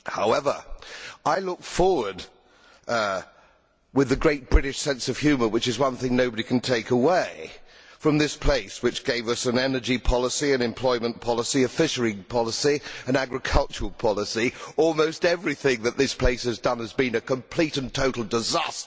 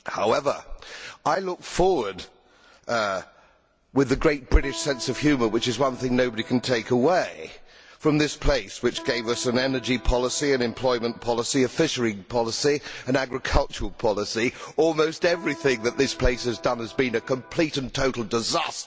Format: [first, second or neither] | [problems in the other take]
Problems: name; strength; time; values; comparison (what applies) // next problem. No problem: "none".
first | background sound (Electric guitar); 18 dB below the speech